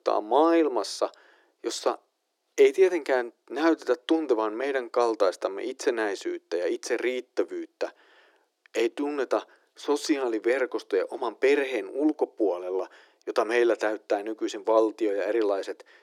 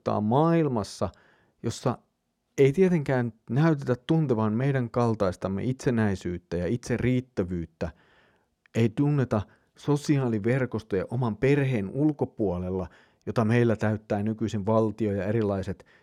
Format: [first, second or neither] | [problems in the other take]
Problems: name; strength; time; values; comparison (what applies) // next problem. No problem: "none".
second | thin; very; fading below 300 Hz